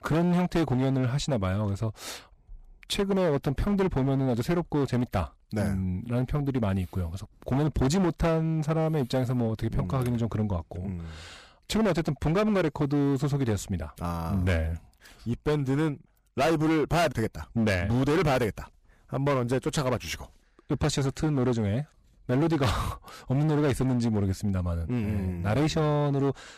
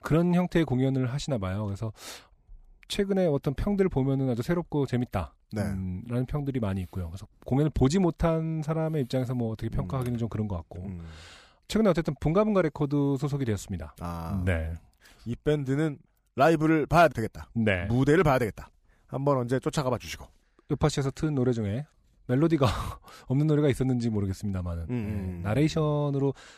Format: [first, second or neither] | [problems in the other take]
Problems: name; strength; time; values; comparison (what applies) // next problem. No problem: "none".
second | distortion; heavy; 14% of the sound clipped